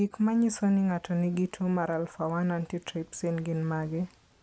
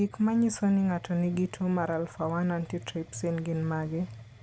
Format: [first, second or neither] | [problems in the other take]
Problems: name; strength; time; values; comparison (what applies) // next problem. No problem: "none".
first | background sound (Mechanisms); 18 dB below the speech